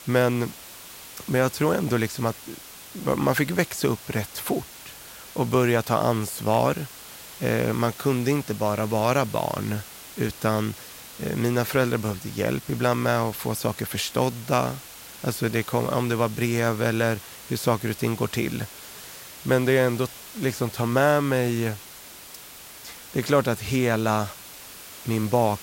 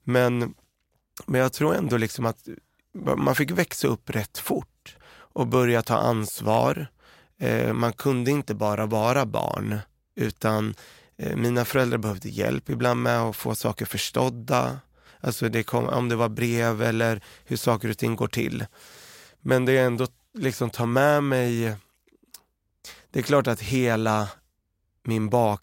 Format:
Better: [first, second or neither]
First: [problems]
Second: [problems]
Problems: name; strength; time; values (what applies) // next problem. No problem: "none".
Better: second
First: hiss; noticeable; throughout; 15 dB below the speech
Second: none